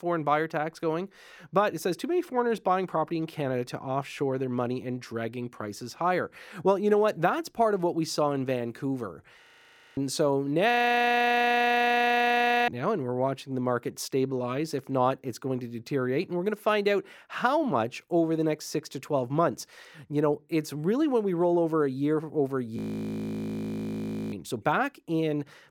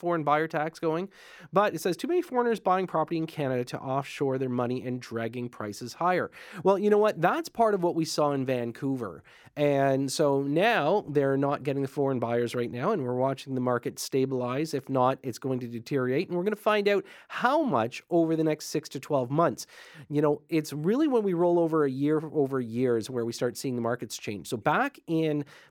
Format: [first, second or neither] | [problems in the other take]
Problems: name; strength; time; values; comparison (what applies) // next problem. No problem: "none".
second | audio freezing; at 9.5 s for 0.5 s, at 11 s for 2 s and at 23 s for 1.5 s